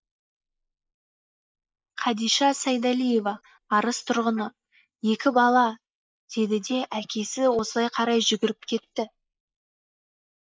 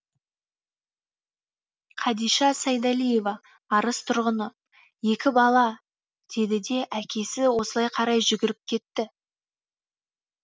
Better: second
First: noise reduction (neural mask model Resemble Enhance denoiser)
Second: none

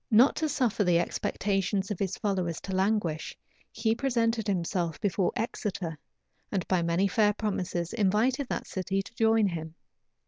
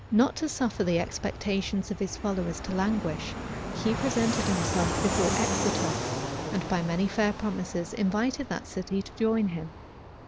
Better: first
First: none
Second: background sound (Fixed-wing aircraft, airplane); 5 dB below the speech

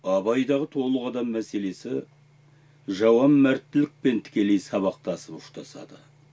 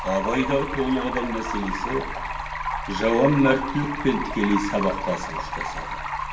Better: first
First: none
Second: background sound (Stream); 4 dB below the speech // room echo; dies away in 0.8 s

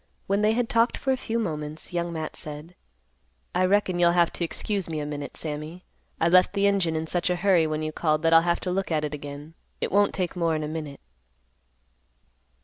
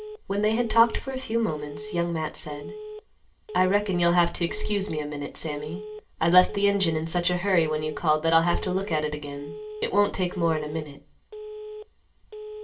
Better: first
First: none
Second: background sound (Telephone); 13 dB below the speech // room echo; dies away in 0.2 s

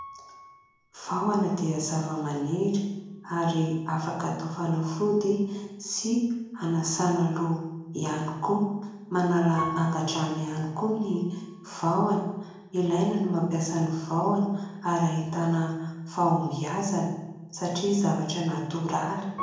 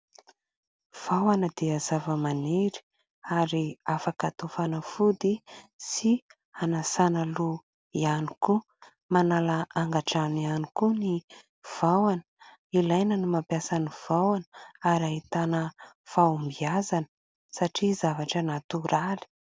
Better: second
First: background sound (Piano); 20 dB below the speech // room echo; dies away in 0.9 s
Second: none

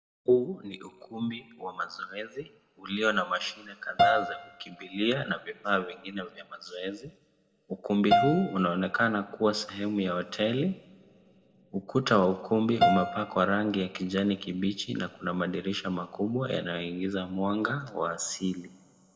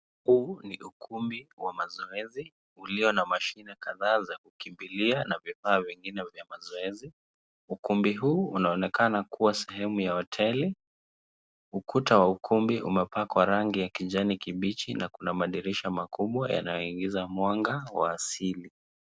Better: second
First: background sound (Piano); 3 dB below the speech // room echo; dies away in 1.3 s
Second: none

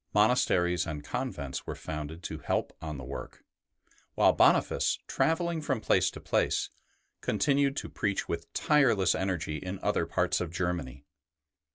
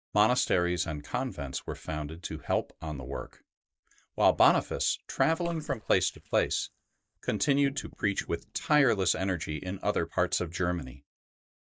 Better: first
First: none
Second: noise reduction (neural mask model DeepFilterNet 3)

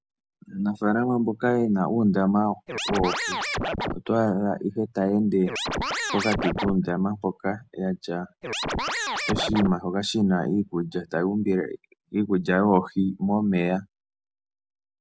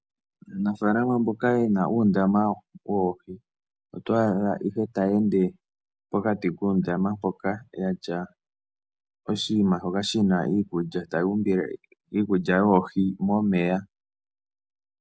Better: second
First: background sound (Scratching (performance technique)); 3 dB below the speech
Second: none

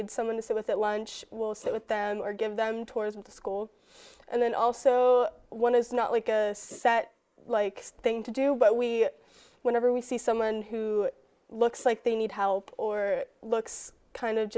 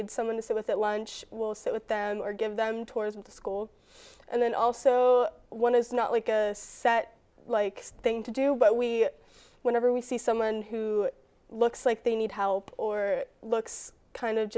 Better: second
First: noise reduction (neural mask model Resemble Enhance denoiser)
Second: none

